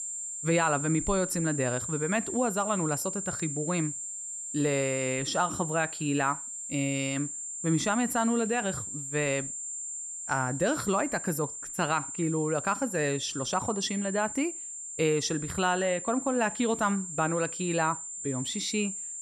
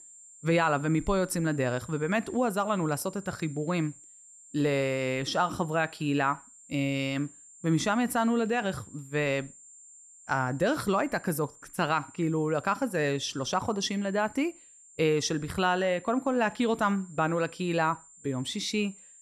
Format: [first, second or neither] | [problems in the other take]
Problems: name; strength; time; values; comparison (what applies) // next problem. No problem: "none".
second | high-pitched whine; loud; throughout; 7.5 kHz, 5 dB below the speech; faint in the second